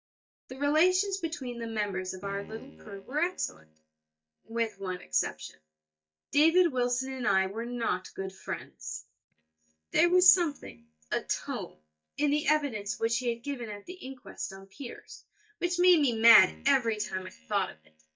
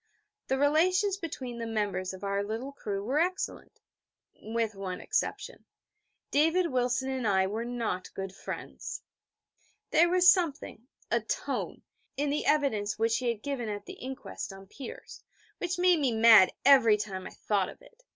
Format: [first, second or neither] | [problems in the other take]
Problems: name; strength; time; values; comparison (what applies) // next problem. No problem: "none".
second | noise reduction (neural mask model DeepFilterNet 3)